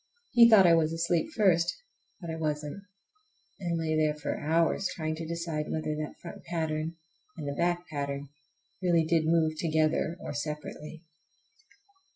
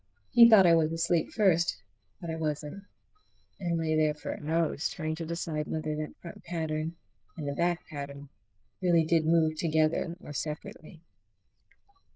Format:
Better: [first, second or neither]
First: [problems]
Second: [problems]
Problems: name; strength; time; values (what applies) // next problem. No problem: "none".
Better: first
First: none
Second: noise reduction (neural diffusion model UNIVERSE++)